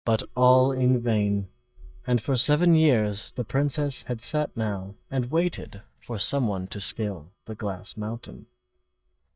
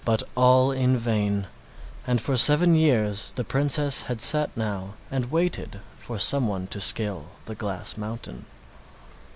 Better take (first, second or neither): second